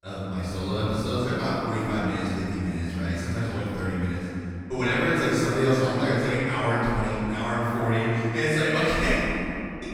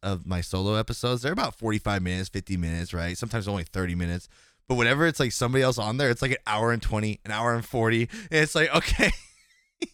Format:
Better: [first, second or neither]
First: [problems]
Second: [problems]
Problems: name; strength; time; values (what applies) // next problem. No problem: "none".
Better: second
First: room echo; strong; dies away in 2.9 s // off-mic speech; far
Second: none